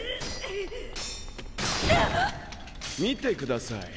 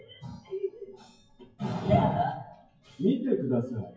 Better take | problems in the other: first | noise reduction (classical method WPE with log-MMSE)

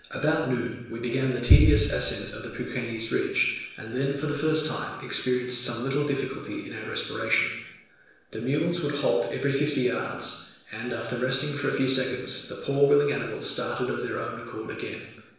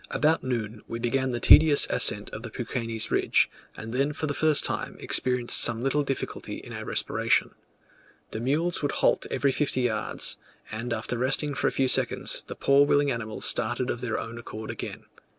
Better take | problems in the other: second | room echo; dies away in 0.9 s

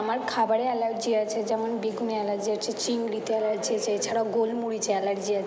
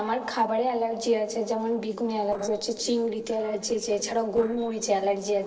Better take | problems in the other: first | noise reduction (neural separator model SepFormer DNS4)

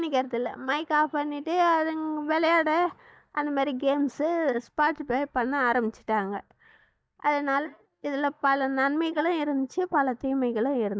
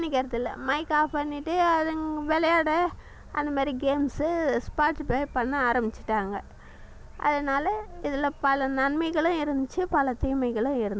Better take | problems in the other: second | noise reduction (neural mask model DeepFilterNet 3)

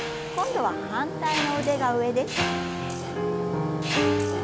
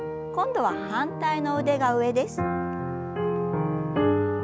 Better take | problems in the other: second | background sound (Mechanisms); 7 dB below the speech

